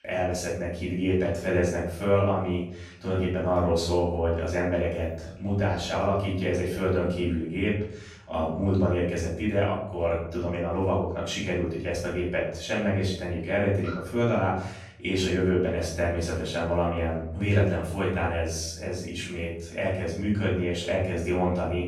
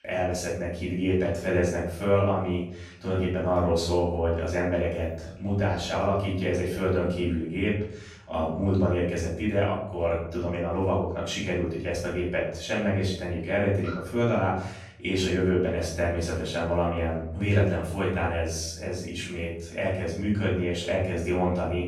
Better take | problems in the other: neither | off-mic speech; far; the same in both // room echo; noticeable; dies away in 0.7 s; the same in both

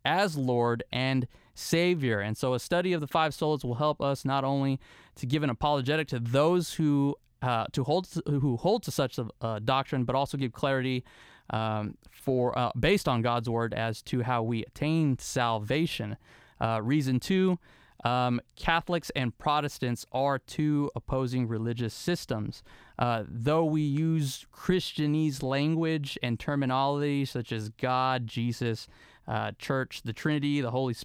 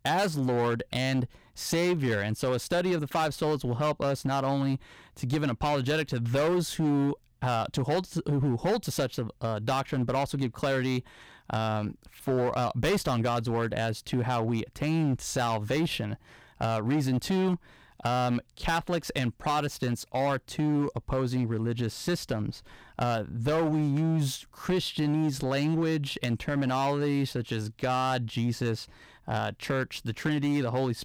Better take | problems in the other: first | distortion; slight; 10% of the sound clipped

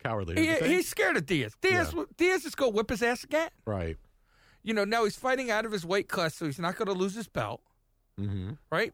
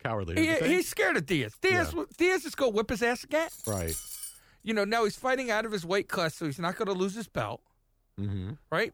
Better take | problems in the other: first | clattering dishes; noticeable; from 1.5 to 4.5 s; peak 6 dB below the speech

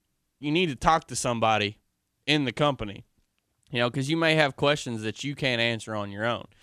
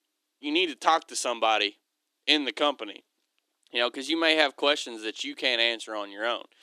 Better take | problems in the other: first | thin; somewhat; fading below 300 Hz

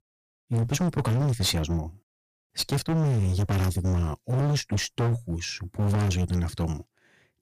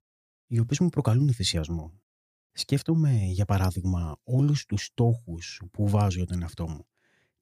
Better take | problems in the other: second | distortion; heavy; 26% of the sound clipped

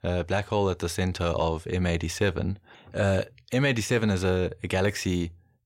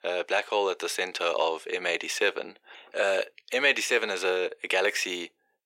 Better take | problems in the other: first | thin; very; fading below 400 Hz

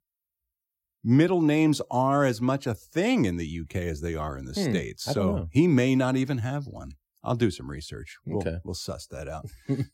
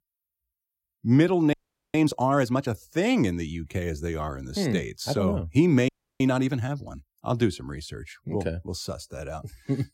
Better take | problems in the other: first | audio freezing; at 1.5 s and at 6 s

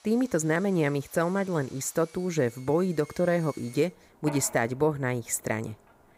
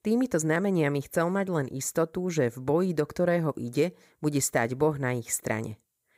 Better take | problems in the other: second | machinery noise; faint; throughout; 20 dB below the speech

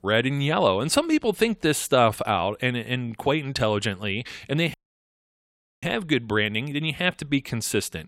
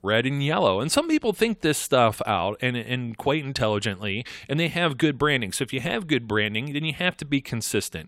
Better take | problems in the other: second | audio cutting out; at 4.5 s for 1 s

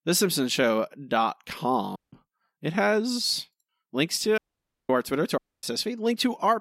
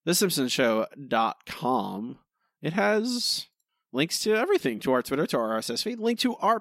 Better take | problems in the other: second | audio cutting out; at 2 s, at 4.5 s for 0.5 s and at 5.5 s

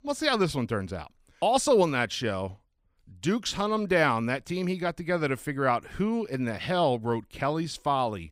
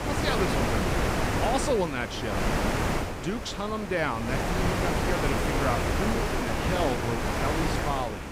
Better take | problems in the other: first | wind noise on the microphone; heavy; 2 dB above the speech

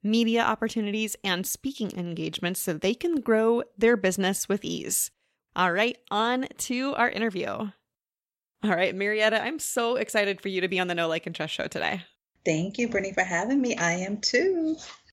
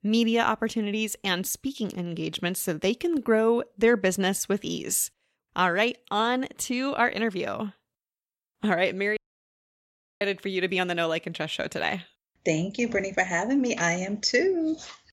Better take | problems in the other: first | audio cutting out; at 9 s for 1 s

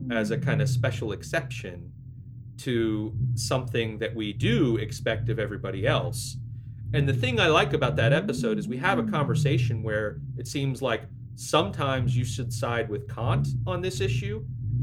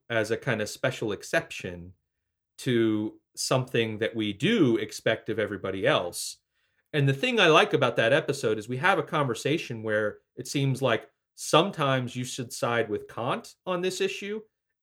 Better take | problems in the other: second | low rumble; noticeable; throughout; 15 dB below the speech

